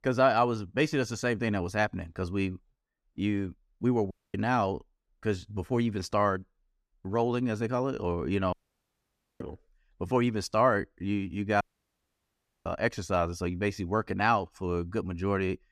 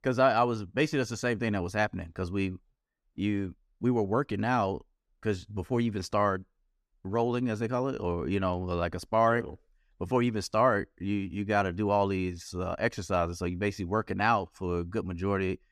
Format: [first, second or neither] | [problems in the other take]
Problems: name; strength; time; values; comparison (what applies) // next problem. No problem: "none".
second | audio cutting out; at 4 s, at 8.5 s for 1 s and at 12 s for 1 s